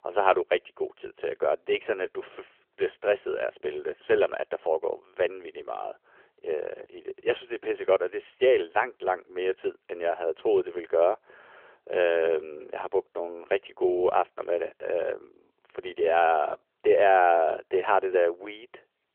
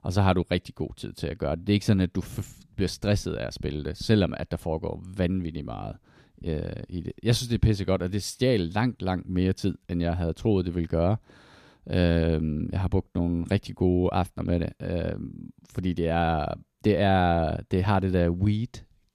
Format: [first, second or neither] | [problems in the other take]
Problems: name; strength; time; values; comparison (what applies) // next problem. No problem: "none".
second | phone-call audio; nothing above 3 kHz